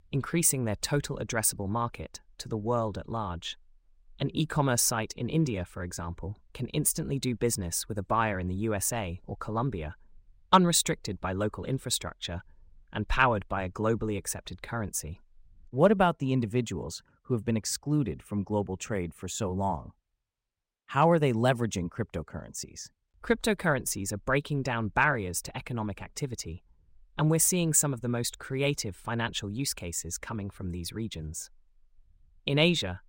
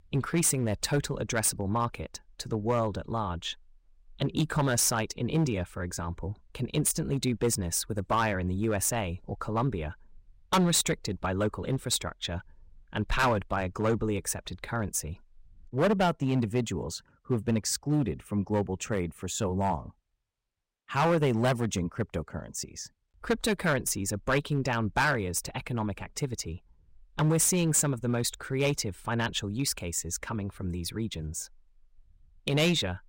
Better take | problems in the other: first | distortion; slight; 4% of the sound clipped

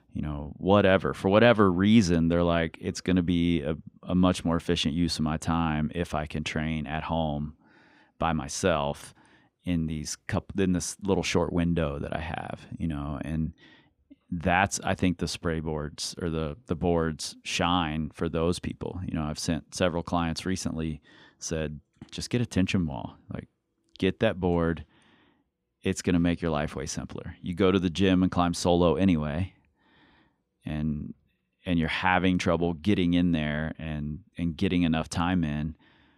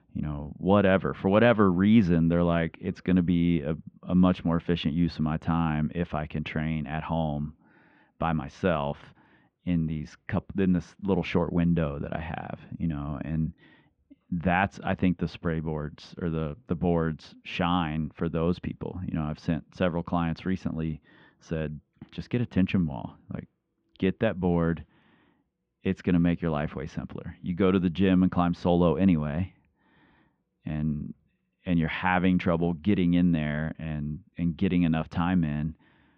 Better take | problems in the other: first | muffled; very; fading above 3 kHz

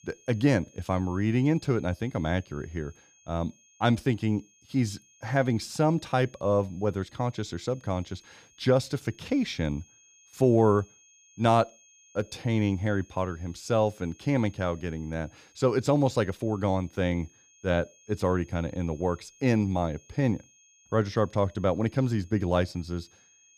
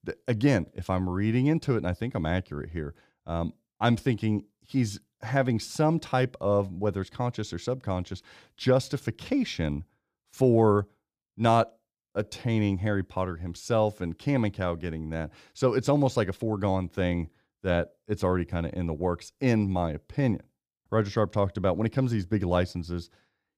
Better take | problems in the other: second | high-pitched whine; faint; throughout; 6.5 kHz, 30 dB below the speech

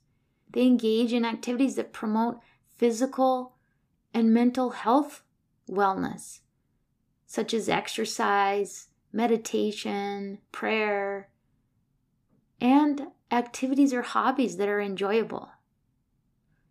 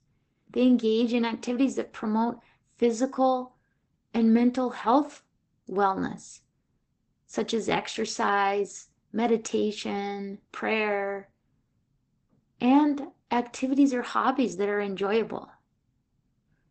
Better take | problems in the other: first | garbled, watery; badly; nothing above 8 kHz

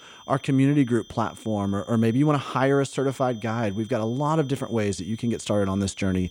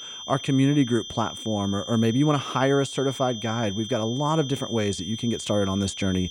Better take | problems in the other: first | high-pitched whine; loud; throughout; 3 kHz, 10 dB below the speech; faint in the first

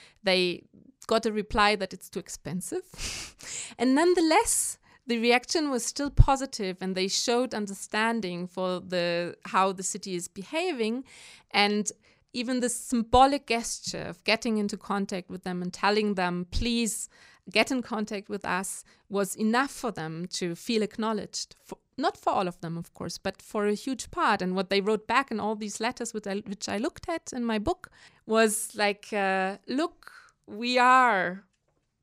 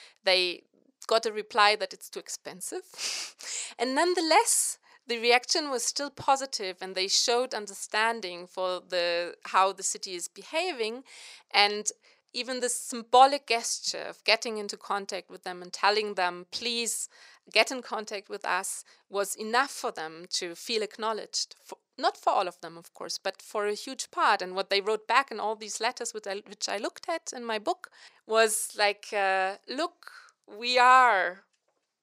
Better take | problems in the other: first | thin; somewhat; fading below 550 Hz

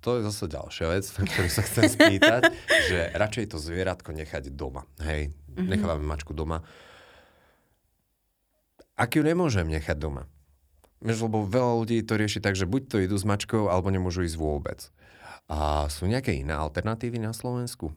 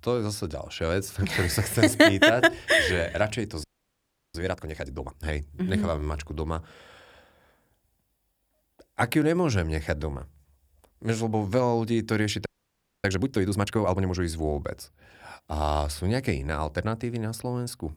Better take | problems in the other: first | audio freezing; at 3.5 s for 0.5 s and at 12 s for 0.5 s

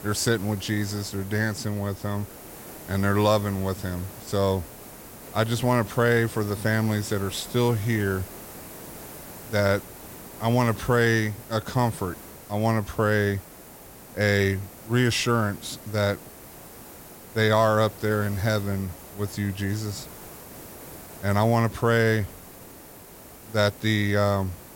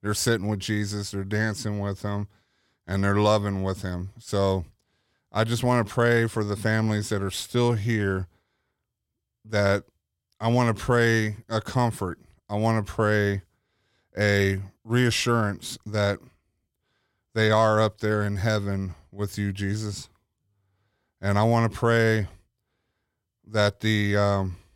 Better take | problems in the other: second | hiss; noticeable; throughout; 15 dB below the speech

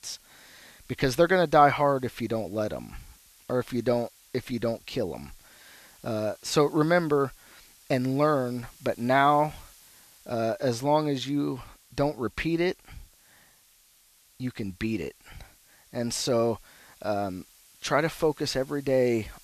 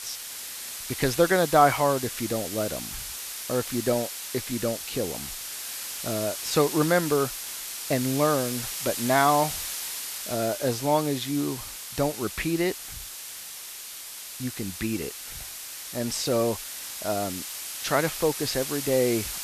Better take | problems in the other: first | hiss; loud; throughout; 6 dB below the speech; faint in the first

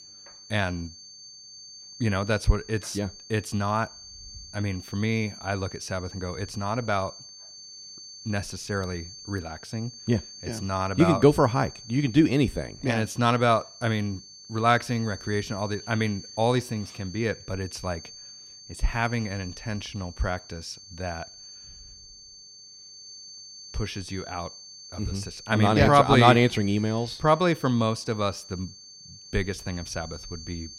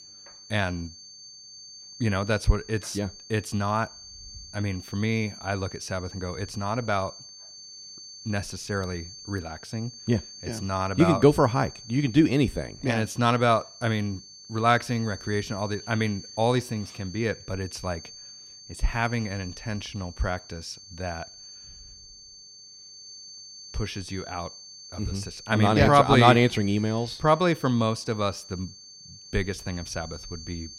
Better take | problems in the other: neither | high-pitched whine; noticeable; throughout; 4.5 kHz, 15 dB below the speech; the same in both

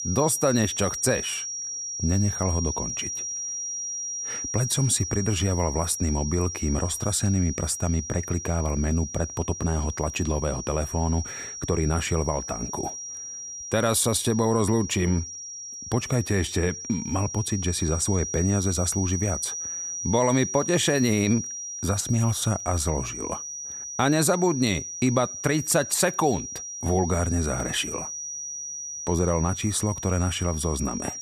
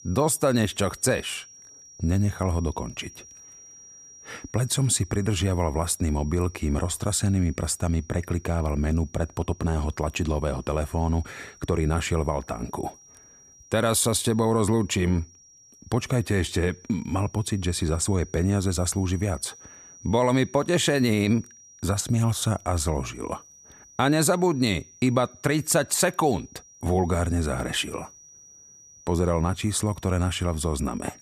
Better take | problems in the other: second | high-pitched whine; loud; throughout; 5.5 kHz, 6 dB below the speech; faint in the second

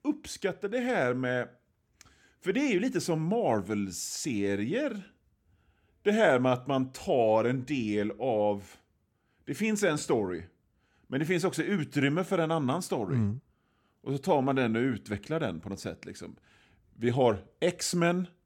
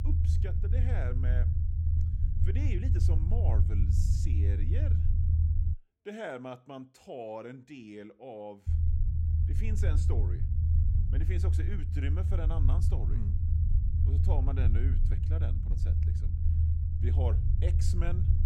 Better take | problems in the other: first | low rumble; loud; until 5.5 s and from 8.5 s on; 2 dB below the speech

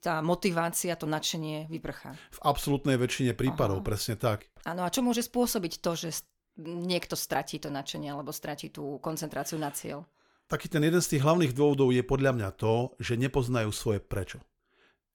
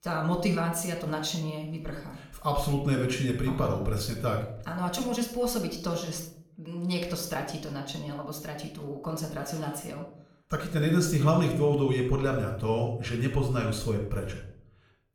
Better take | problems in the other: first | off-mic speech; somewhat distant // room echo; slight; dies away in 0.5 s

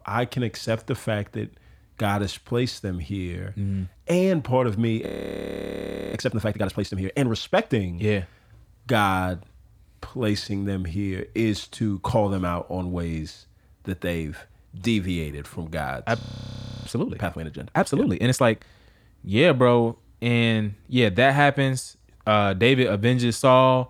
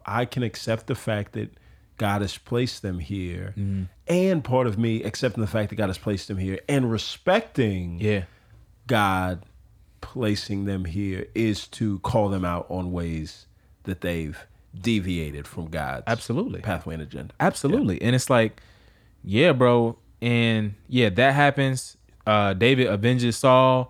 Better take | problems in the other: second | audio freezing; at 5 s for 1 s and at 16 s for 0.5 s

